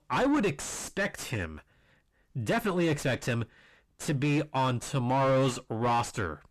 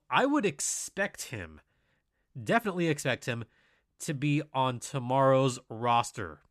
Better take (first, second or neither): second